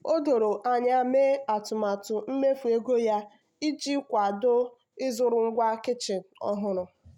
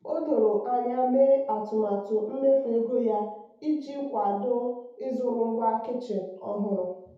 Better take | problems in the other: first | room echo; dies away in 0.8 s

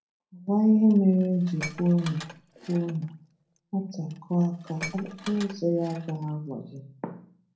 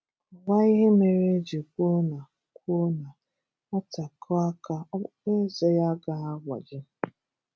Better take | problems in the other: second | background sound (Dishes, pots, and pans); 18 dB below the speech // room echo; dies away in 0.6 s

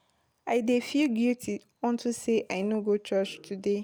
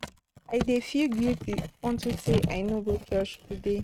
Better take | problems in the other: first | noise reduction (neural mask model RNNoise)

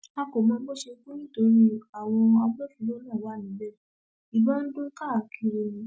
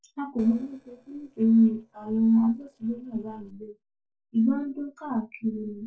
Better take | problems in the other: first | noise reduction (neural separator model SepFormer DNS4)

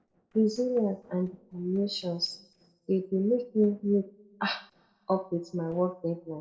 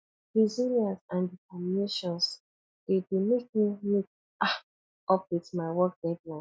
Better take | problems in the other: second | noise reduction (neural separator model SepFormer DNS4)

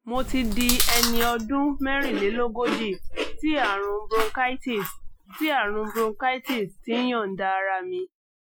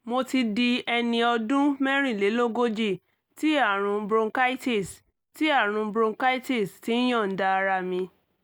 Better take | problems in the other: second | noise reduction (classical method Wiener filter)

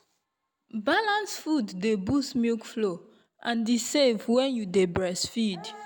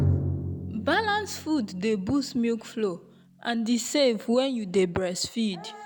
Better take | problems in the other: first | background sound (Drum); 7 dB below the speech

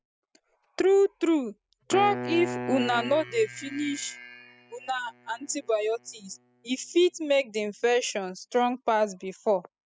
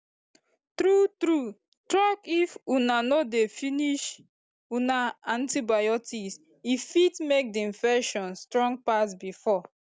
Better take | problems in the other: second | noise reduction (classical method spectral subtraction)

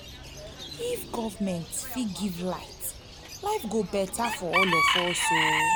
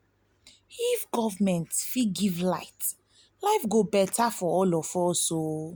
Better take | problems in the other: second | background sound (Bird / Chicken, rooster); 2 dB above the speech

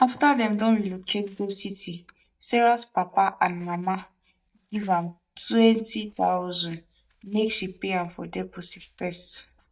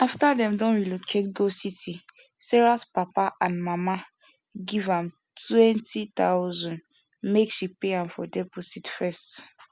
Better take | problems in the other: second | noise reduction (neural mask model DeepFilterNet 3)

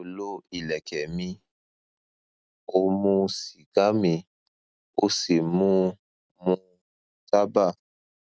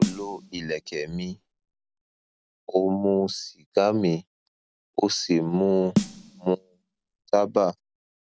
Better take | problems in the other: first | background sound (Snare drum); 5 dB below the speech

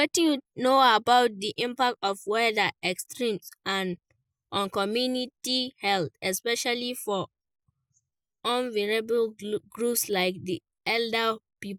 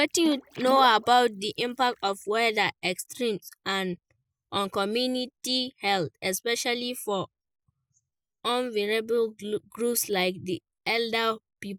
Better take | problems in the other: first | background sound (Water / Splash, splatter); 14 dB below the speech

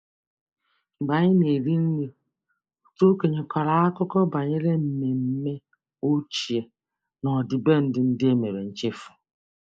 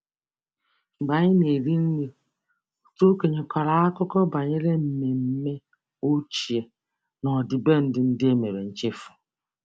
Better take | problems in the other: second | noise reduction (neural mask model Resemble Enhance denoiser)

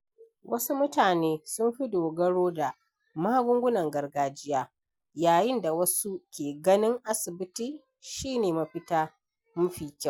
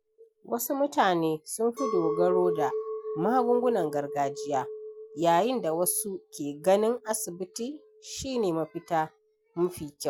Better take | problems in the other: first | background sound (Chink, clink); 8 dB below the speech

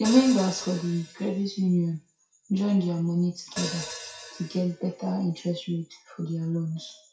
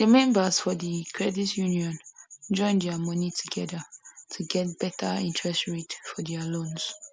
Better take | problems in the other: second | noise reduction (classical method WPE with log-MMSE)

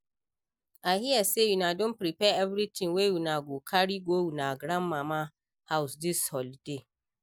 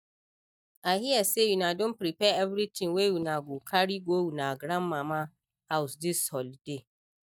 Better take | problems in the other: first | noise reduction (neural mask model DeepFilterNet 3)

